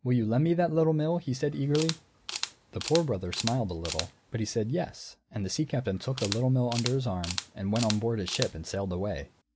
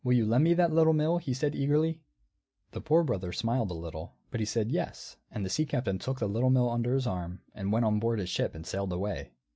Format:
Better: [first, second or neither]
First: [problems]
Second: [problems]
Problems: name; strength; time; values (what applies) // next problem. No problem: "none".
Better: second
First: background sound (Camera); 11 dB below the speech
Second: none